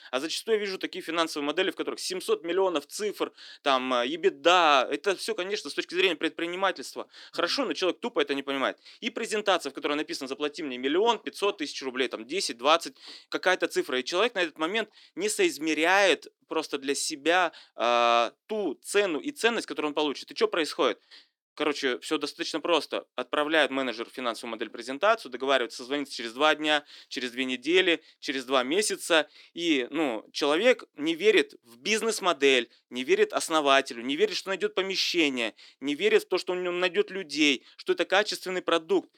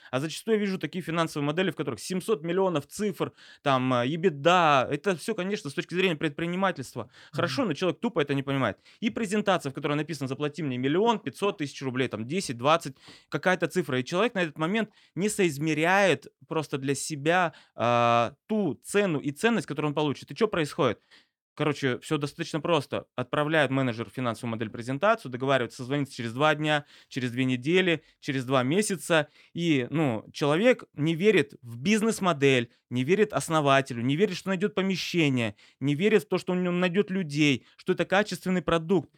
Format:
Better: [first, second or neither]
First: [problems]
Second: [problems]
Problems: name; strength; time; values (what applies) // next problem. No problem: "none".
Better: second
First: thin; somewhat; fading below 300 Hz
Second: none